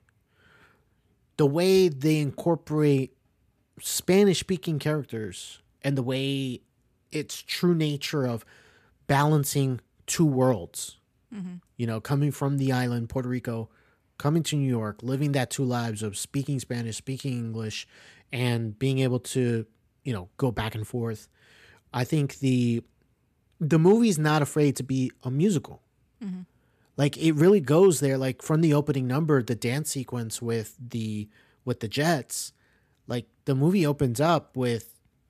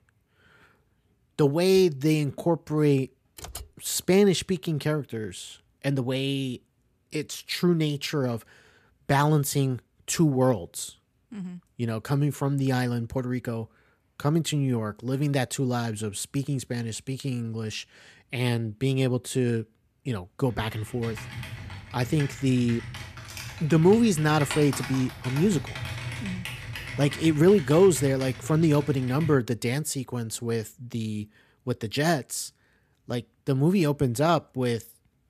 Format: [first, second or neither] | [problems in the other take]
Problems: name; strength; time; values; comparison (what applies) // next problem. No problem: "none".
first | keyboard typing; faint; at 3.5 s; peak 15 dB below the speech // keyboard typing; noticeable; from 21 to 29 s; peak 6 dB below the speech